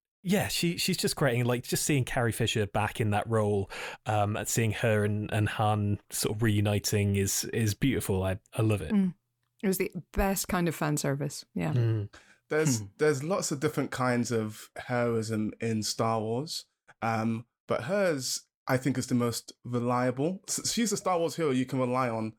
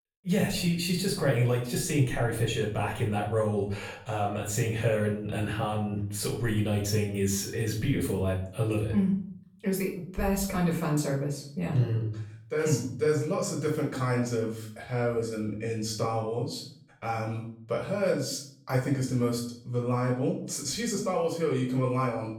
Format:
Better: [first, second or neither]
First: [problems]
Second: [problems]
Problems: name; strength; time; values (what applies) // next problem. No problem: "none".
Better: first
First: none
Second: off-mic speech; far // room echo; slight; dies away in 0.5 s